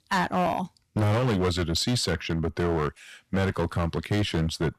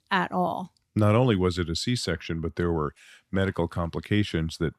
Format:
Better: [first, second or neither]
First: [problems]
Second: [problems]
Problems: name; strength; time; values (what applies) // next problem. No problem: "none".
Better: second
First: distortion; heavy; 14% of the sound clipped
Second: none